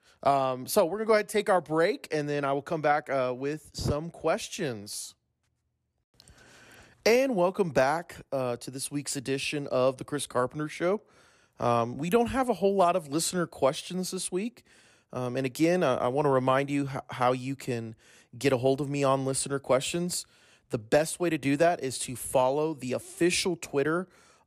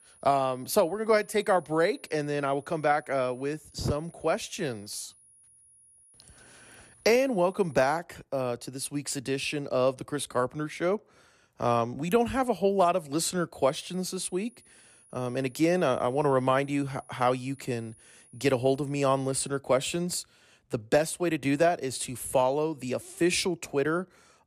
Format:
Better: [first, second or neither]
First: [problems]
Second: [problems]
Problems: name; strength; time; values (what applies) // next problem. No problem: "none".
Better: first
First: none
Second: high-pitched whine; faint; until 8 s and from 14 to 19 s; 10.5 kHz, 25 dB below the speech